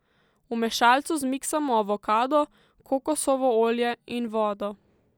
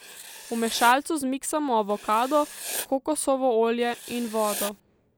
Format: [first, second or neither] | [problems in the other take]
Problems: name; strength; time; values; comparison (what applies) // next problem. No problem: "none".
first | background sound (Writing); 13 dB below the speech